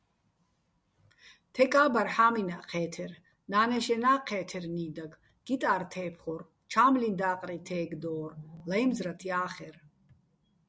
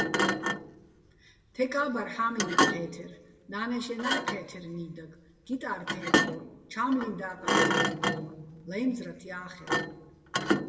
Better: first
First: none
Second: background sound (Thump, thud); 4 dB above the speech // room echo; dies away in 1.2 s

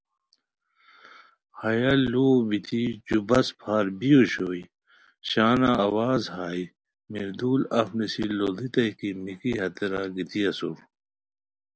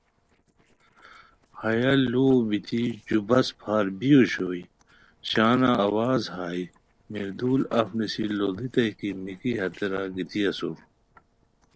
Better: first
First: none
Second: noise reduction (neural separator model SepFormer DNS4)

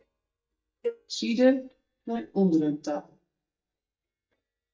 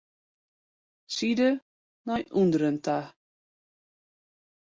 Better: second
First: noise reduction (neural mask model DeepFilterNet 3)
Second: none

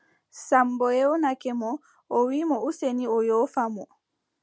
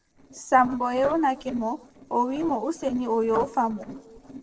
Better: first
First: none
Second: noise reduction (neural separator model SepFormer DNS4)

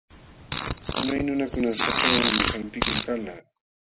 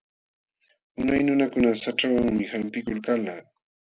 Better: second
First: background sound (Fart); 2 dB above the speech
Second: none

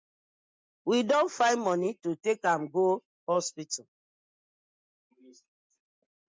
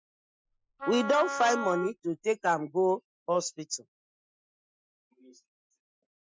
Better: first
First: none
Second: noise reduction (classical method Wiener filter)

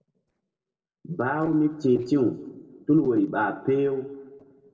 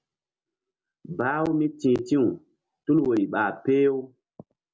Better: second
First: noise reduction (neural separator model SepFormer DNS4)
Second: none

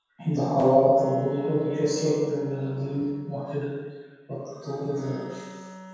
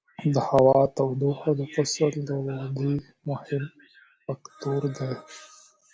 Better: second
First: background sound (Wind instrument, woodwind instrument); 20 dB below the speech // room echo; dies away in 1.2 s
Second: none

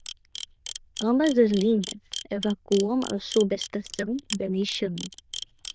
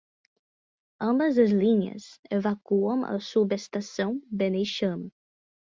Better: second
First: noise reduction (neural diffusion model UNIVERSE++)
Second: none

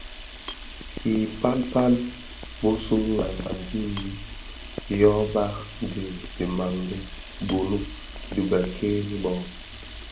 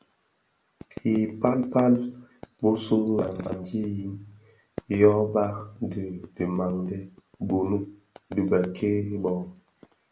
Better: second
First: background sound (Camera); 11 dB below the speech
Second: none

